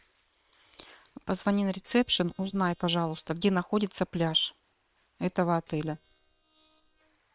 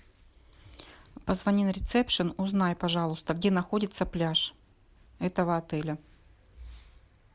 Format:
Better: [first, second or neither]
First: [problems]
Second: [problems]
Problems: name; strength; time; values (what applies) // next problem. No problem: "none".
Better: second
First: noise reduction (neural separator model SepFormer WHAM!)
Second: none